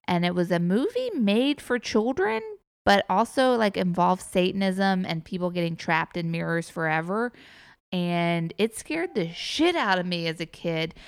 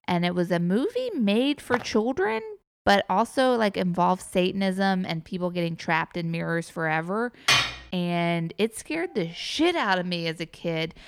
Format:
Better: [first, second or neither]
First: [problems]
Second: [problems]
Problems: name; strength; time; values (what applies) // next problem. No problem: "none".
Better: first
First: none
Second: footsteps; noticeable; at 1.5 s; peak 8 dB below the speech // clattering dishes; loud; at 7.5 s; peak 5 dB above the speech